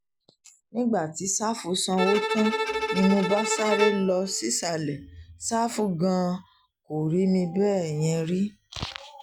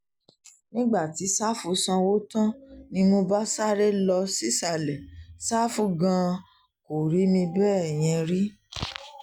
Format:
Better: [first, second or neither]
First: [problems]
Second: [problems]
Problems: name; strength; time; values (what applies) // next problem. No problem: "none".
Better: second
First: background sound (Bowed string instrument); 3 dB below the speech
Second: none